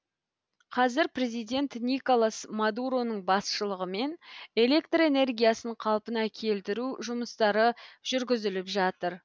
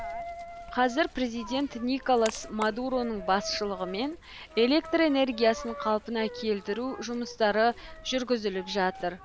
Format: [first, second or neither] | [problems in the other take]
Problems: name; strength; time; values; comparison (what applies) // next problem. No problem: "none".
first | background sound (Coin (dropping)); 14 dB below the speech